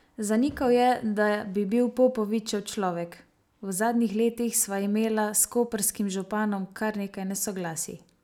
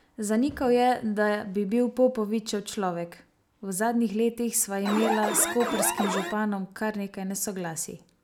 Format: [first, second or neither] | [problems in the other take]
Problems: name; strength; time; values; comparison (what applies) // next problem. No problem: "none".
first | background sound (Alarm); 2 dB below the speech